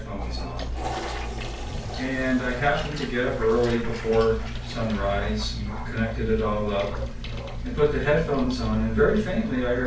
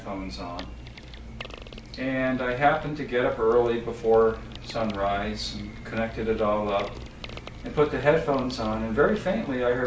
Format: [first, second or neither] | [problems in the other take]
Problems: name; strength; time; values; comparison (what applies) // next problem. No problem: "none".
second | background sound (Toilet flush); 14 dB below the speech // room echo; dies away in 0.2 s